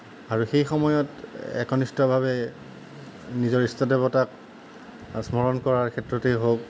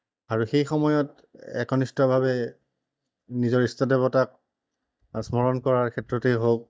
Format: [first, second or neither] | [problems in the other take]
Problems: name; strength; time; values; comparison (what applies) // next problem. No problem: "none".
first | noise reduction (neural mask model DeepFilterNet 3)